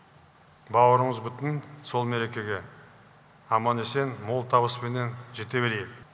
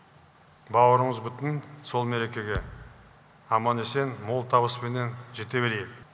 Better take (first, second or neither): first